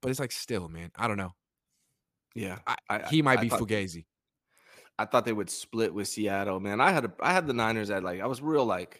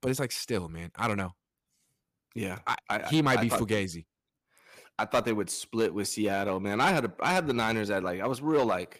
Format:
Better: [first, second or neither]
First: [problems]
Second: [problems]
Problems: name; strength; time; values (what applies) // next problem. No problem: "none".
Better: first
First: none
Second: distortion; slight; 3% of the sound clipped